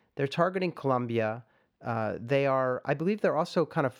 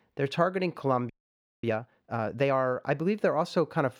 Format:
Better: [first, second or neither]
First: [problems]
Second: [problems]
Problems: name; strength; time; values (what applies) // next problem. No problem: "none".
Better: first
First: none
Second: audio freezing; at 1 s for 0.5 s